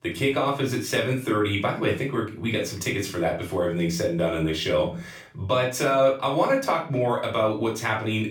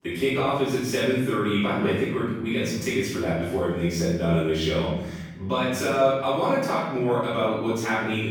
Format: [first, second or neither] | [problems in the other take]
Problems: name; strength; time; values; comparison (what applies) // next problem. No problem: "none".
first | room echo; strong; dies away in 1.1 s; slight in the first // off-mic speech; far; far in the first